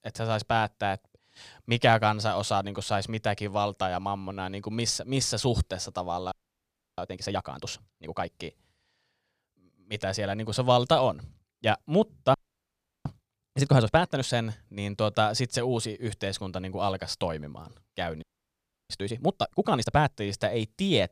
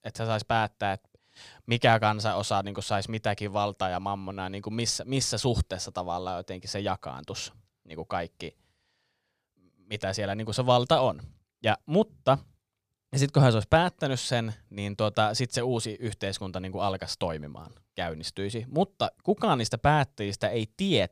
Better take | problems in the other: second | audio freezing; at 6.5 s for 0.5 s, at 12 s for 0.5 s and at 18 s for 0.5 s

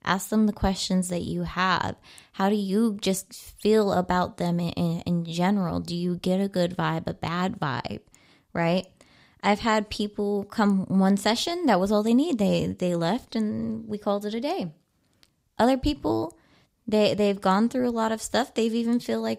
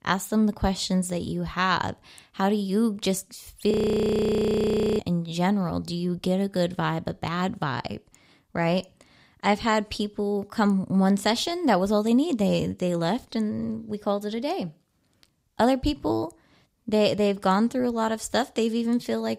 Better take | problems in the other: first | audio freezing; at 3.5 s for 1.5 s

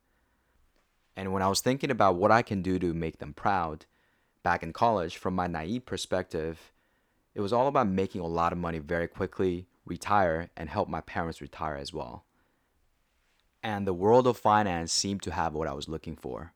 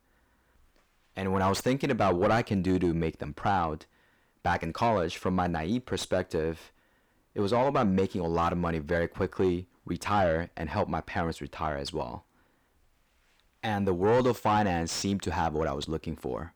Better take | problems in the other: first | distortion; heavy; 7 dB below the speech

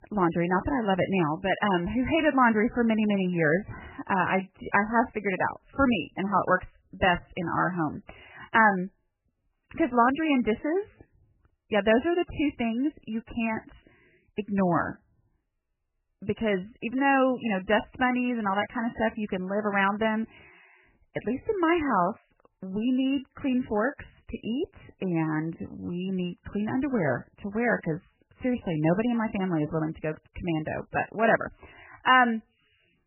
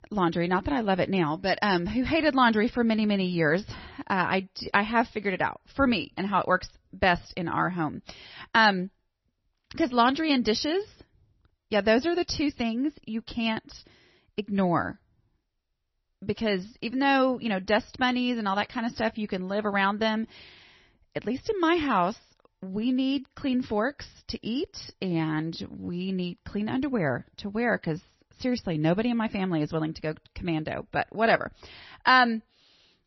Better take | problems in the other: second | garbled, watery; badly; nothing above 3 kHz; slightly in the second

